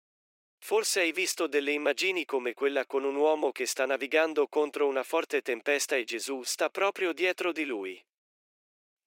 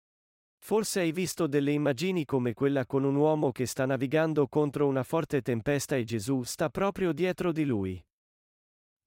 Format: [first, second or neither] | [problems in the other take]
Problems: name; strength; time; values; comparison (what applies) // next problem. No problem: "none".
second | thin; somewhat; fading below 350 Hz